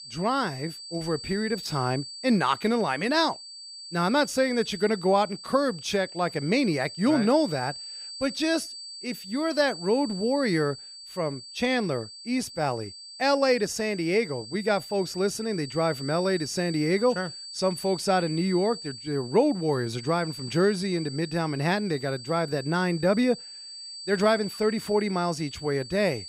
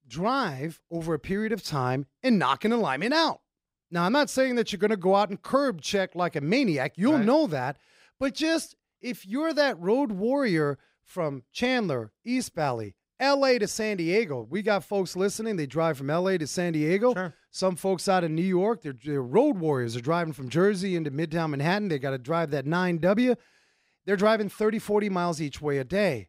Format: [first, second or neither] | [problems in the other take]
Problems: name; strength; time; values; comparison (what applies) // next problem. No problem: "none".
second | high-pitched whine; noticeable; throughout; 4.5 kHz, 10 dB below the speech